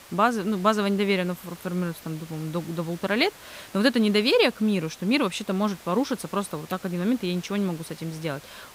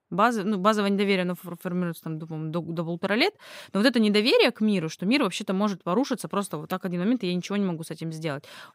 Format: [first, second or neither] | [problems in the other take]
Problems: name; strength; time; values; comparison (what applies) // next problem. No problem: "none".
second | hiss; noticeable; throughout; 20 dB below the speech